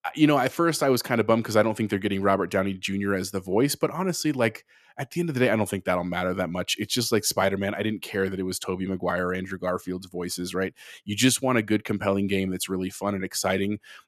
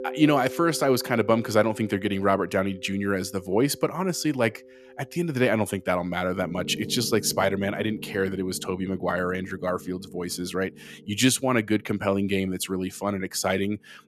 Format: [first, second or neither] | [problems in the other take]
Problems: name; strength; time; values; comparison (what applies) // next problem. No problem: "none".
first | background music; noticeable; throughout; 15 dB below the speech